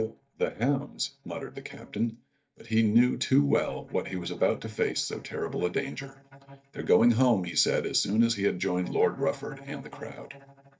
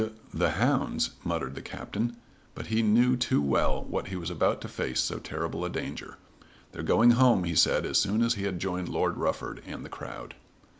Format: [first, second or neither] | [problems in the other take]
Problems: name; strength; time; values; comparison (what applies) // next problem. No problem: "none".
second | noise reduction (neural mask model DeepFilterNet 3)